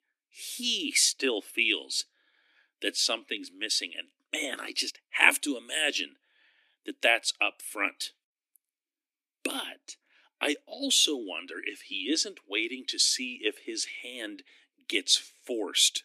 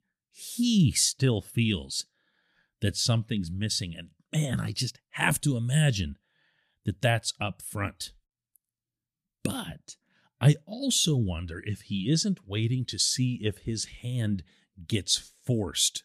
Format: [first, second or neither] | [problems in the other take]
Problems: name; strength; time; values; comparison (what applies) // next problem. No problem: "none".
second | thin; very; fading below 250 Hz